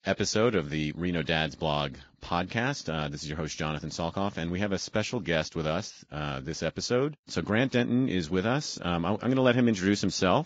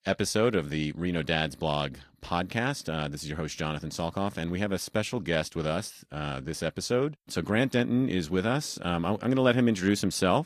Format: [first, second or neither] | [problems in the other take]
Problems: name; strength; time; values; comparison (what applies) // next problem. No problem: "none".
second | garbled, watery; badly; slightly in the second